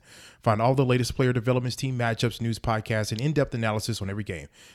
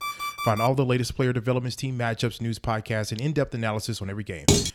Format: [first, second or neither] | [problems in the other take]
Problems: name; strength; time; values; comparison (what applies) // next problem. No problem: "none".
first | alarm; noticeable; at the start; peak 4 dB below the speech // clattering dishes; loud; at 4.5 s; peak 6 dB above the speech